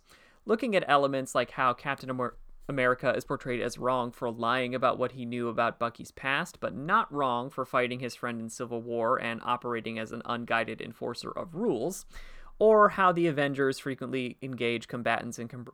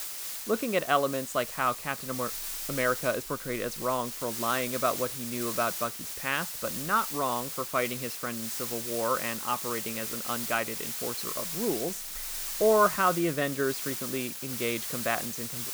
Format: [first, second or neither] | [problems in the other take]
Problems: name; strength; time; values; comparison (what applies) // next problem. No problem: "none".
first | hiss; loud; throughout; 3 dB below the speech